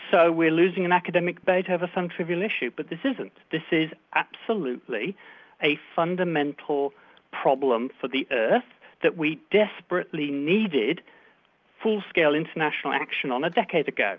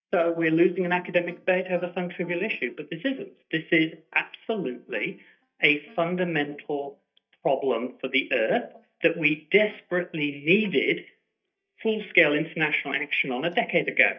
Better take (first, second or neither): first